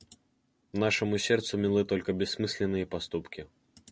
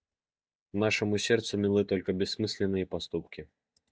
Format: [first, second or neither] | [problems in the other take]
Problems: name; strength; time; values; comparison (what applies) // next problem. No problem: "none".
first | noise reduction (neural mask model DeepFilterNet 3)